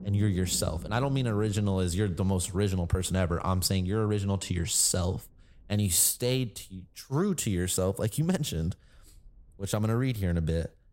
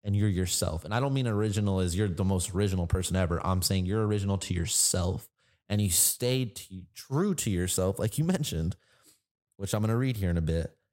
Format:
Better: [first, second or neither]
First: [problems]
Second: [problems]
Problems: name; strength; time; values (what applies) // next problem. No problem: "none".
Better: second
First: low rumble; faint; throughout; 20 dB below the speech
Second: none